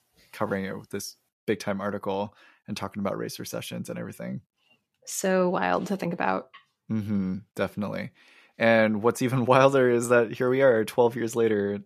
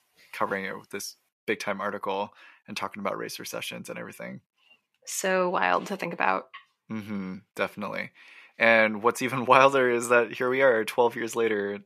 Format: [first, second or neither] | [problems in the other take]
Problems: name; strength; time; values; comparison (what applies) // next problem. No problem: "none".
first | thin; very slightly; fading below 350 Hz